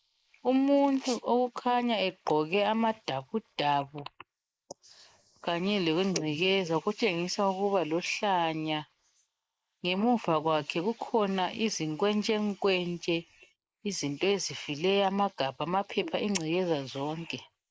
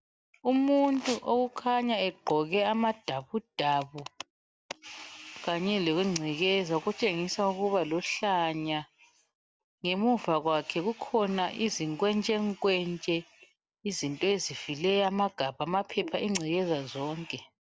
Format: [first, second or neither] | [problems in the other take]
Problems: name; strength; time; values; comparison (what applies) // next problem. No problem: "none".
second | noise reduction (neural mask model Resemble Enhance denoiser)